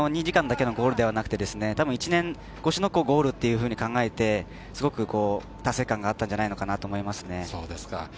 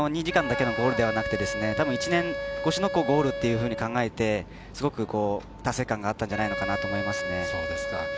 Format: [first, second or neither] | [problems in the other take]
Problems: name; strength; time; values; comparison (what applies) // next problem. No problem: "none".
first | background sound (Wind instrument, woodwind instrument); 5 dB below the speech